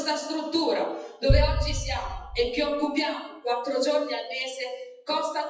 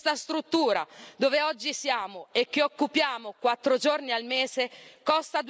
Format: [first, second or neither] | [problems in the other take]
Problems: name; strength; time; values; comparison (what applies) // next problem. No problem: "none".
second | noise reduction (classical method WPE with log-MMSE)